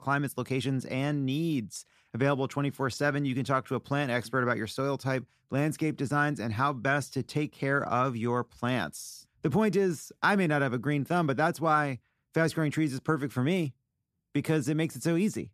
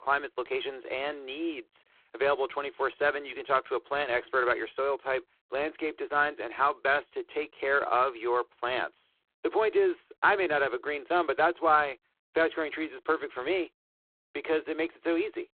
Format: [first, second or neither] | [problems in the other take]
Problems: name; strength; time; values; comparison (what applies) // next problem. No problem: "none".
first | phone-call audio; poor line; nothing above 4 kHz